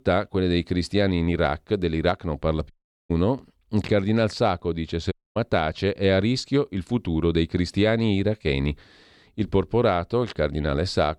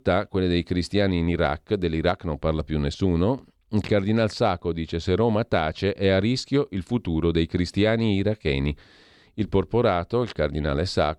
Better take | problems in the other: second | audio cutting out; at 2.5 s and at 5 s

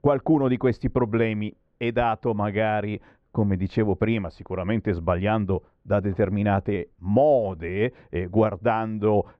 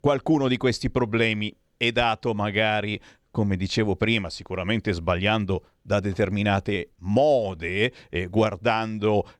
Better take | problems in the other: second | muffled; very; fading above 3 kHz

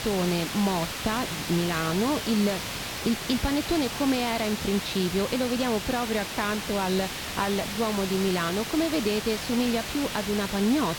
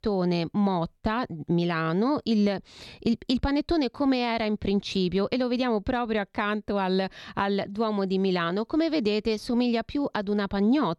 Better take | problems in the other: second | hiss; loud; throughout; 4 dB below the speech

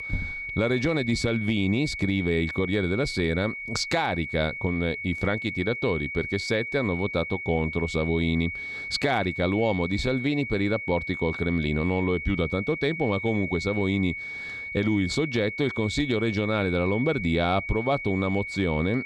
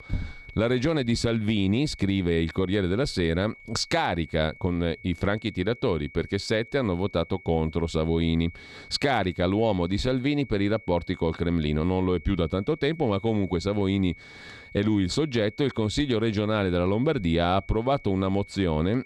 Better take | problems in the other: second | high-pitched whine; loud; throughout; 2 kHz, 6 dB below the speech; faint in the second

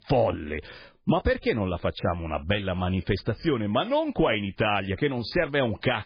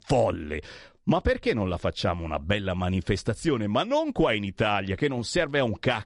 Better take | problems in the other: second | garbled, watery; badly; nothing above 5 kHz; slightly in the second

